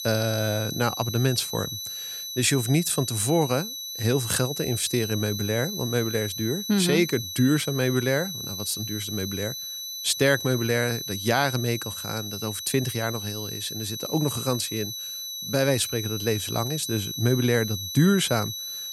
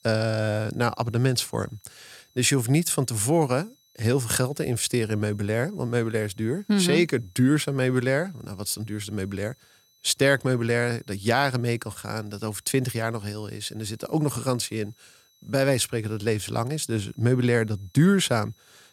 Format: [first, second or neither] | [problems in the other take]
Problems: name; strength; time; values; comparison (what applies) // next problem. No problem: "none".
second | high-pitched whine; loud; throughout; 4 kHz, 6 dB below the speech; faint in the second